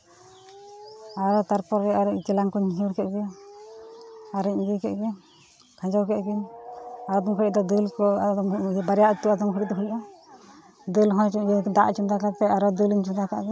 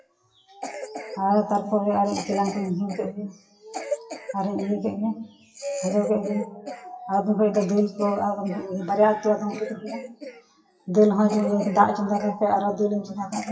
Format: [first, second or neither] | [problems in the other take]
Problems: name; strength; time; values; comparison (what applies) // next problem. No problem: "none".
first | noise reduction (classical method WPE with log-MMSE)